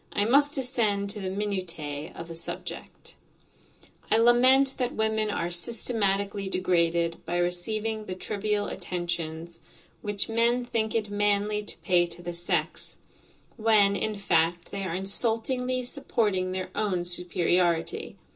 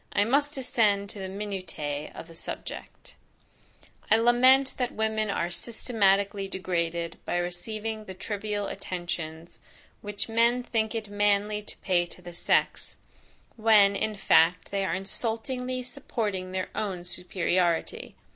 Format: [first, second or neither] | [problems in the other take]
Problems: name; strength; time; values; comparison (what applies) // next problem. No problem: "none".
second | room echo; dies away in 0.2 s